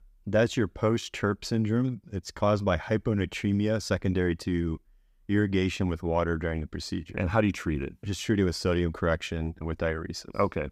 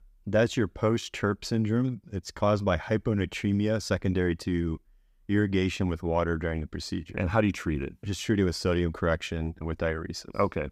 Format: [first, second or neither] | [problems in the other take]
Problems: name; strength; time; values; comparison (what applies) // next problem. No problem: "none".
neither | none